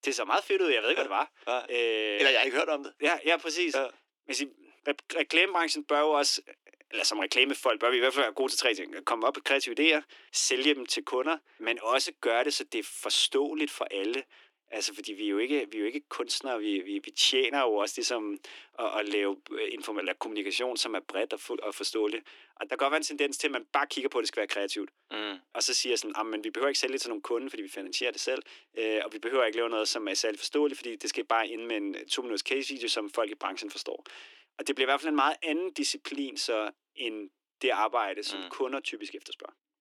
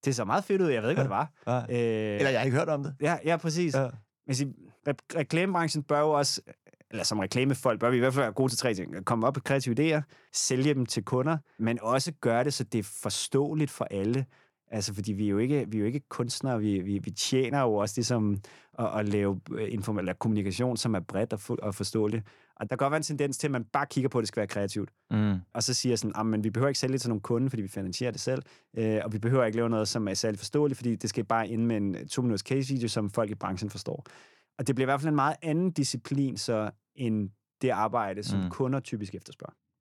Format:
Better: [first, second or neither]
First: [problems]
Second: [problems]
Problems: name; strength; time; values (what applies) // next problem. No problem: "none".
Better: second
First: thin; somewhat; fading below 300 Hz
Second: none